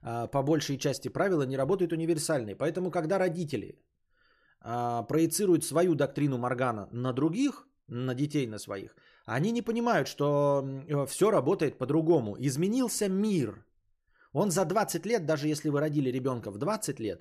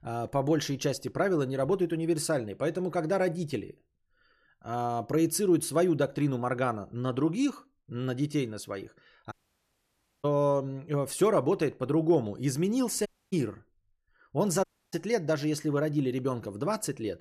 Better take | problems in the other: first | audio cutting out; at 9.5 s for 1 s, at 13 s and at 15 s

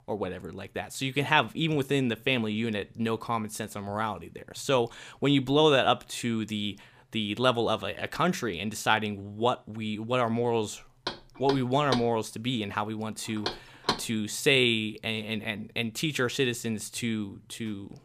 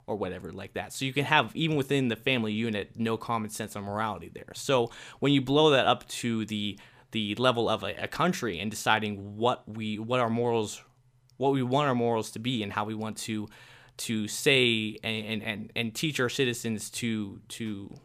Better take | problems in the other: second | door banging; noticeable; from 11 to 14 s; peak 3 dB below the speech

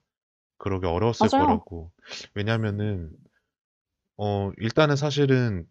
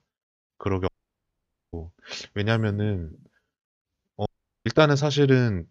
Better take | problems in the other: first | audio cutting out; at 1 s for 1 s and at 4.5 s

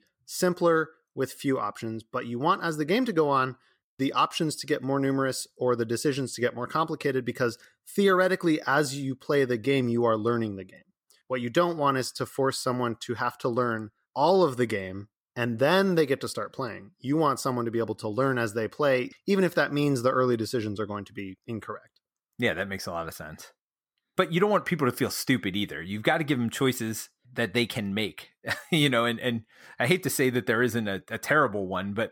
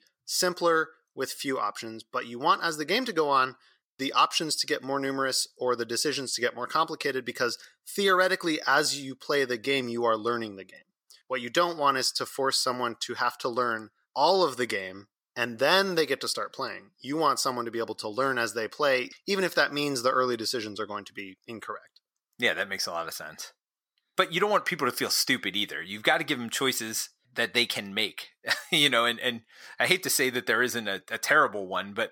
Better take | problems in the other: first | thin; somewhat; fading below 700 Hz

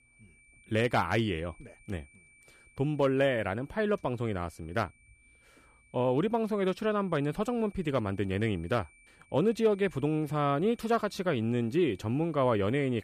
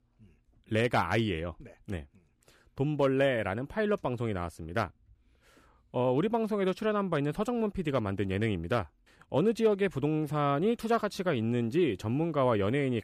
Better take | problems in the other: second | high-pitched whine; faint; throughout; 2.5 kHz, 30 dB below the speech

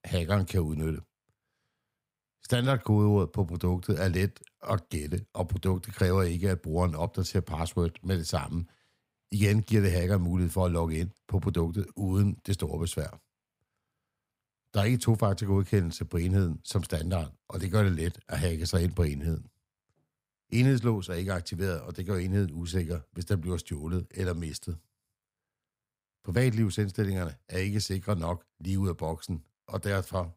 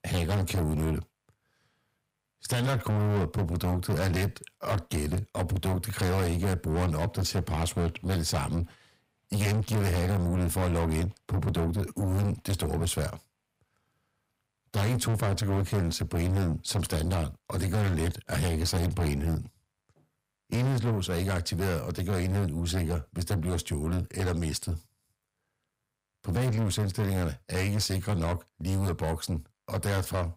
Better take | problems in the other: first | distortion; heavy; 6 dB below the speech

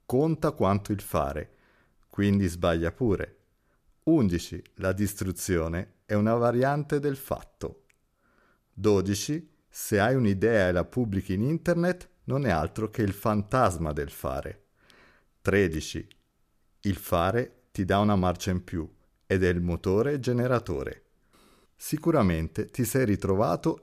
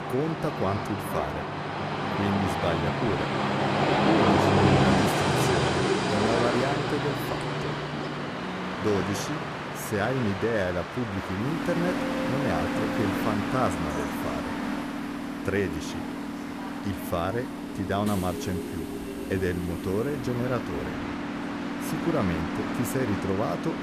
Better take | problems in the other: first | train or aircraft noise; very loud; throughout; 2 dB above the speech

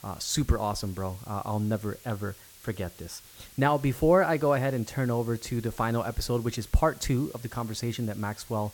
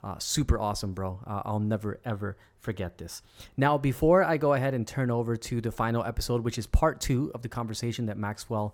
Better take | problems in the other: second | hiss; faint; throughout; 20 dB below the speech

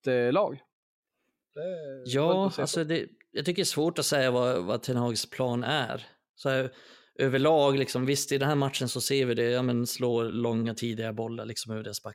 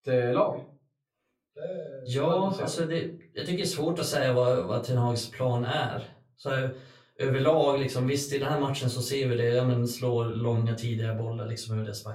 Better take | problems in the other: first | off-mic speech; far // room echo; very slight; dies away in 0.3 s

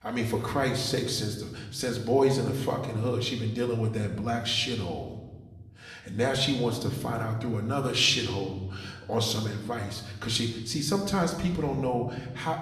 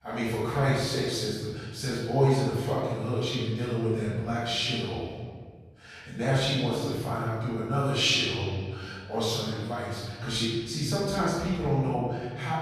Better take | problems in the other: first | room echo; strong; dies away in 1.6 s; slight in the first // off-mic speech; far; somewhat distant in the first

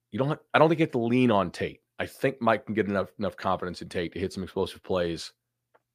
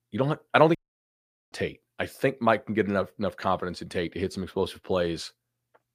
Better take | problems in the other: first | audio cutting out; at 1 s for 1 s

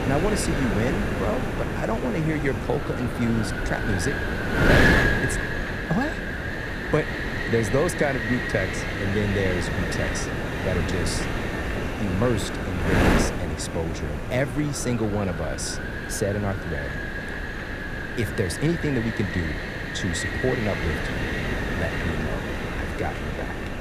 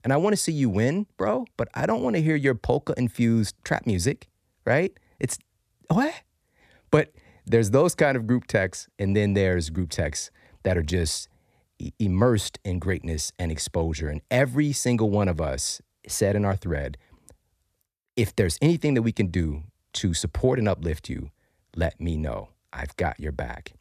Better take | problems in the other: second | wind noise on the microphone; heavy; 2 dB above the speech

